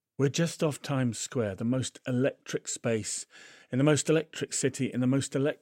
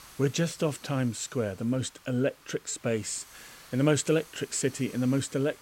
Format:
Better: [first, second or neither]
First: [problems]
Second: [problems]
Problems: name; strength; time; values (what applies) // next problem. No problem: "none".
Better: first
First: none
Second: hiss; faint; throughout; 20 dB below the speech